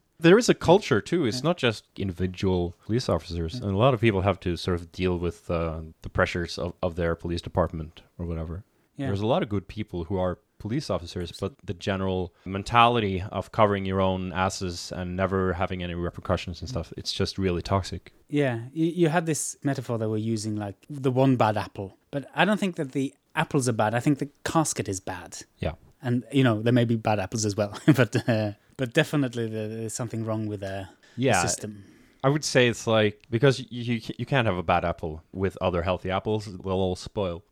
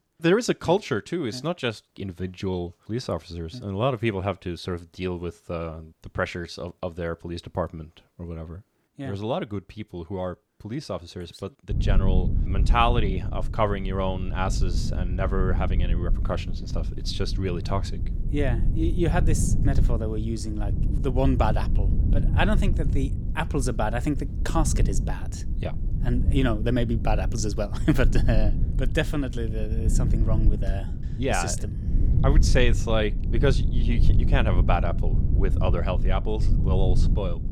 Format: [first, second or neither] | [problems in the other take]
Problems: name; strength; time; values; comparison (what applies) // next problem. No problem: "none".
first | low rumble; noticeable; from 12 s on; 10 dB below the speech